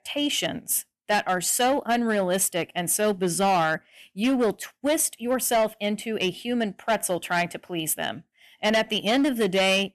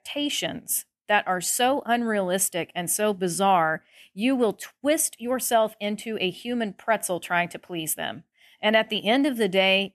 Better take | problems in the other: second | distortion; slight; 8% of the sound clipped

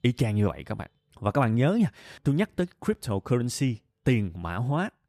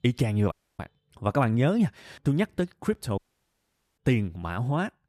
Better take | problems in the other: first | audio cutting out; at 0.5 s and at 3 s for 1 s

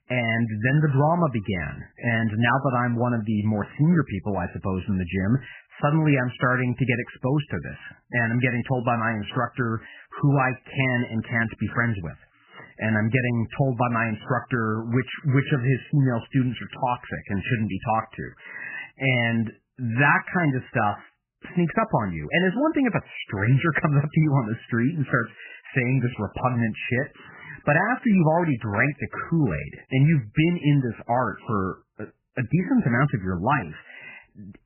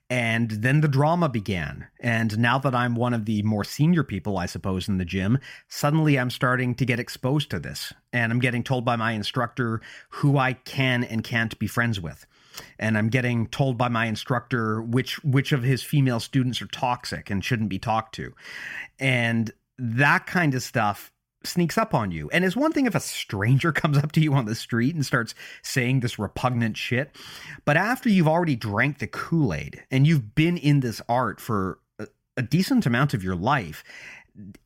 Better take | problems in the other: second | garbled, watery; badly; nothing above 3 kHz

